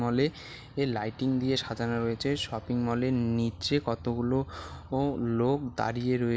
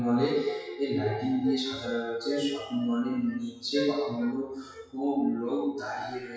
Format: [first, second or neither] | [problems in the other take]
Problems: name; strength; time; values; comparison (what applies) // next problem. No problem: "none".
first | noise reduction (classical method WPE with log-MMSE)